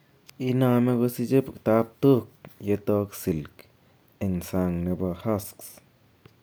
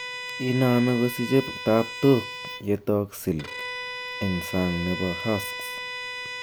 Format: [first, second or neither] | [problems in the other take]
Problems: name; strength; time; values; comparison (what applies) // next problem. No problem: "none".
first | background sound (Bowed string instrument); 9 dB below the speech